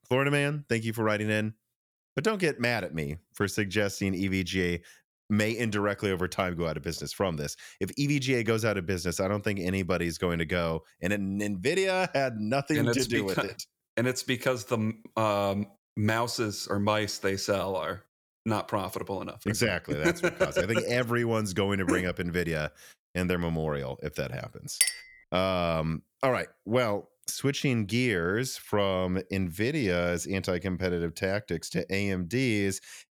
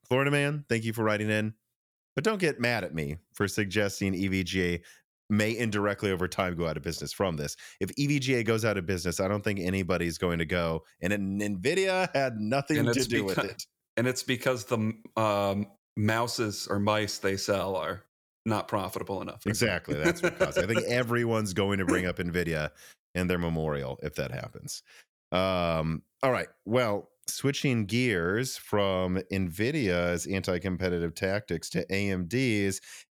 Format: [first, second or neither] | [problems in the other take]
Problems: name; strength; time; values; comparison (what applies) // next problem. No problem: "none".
second | clattering dishes; loud; at 25 s; peak 3 dB above the speech